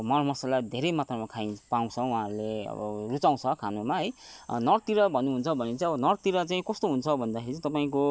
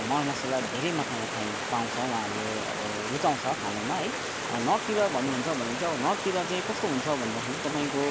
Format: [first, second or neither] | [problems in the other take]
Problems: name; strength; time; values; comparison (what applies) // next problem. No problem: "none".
first | background sound (Stream); 2 dB below the speech